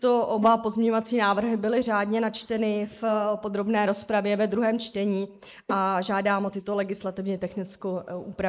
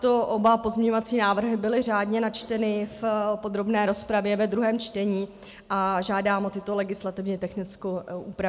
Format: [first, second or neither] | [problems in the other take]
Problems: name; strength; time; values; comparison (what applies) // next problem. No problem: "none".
second | noise reduction (neural mask model Resemble Enhance denoiser)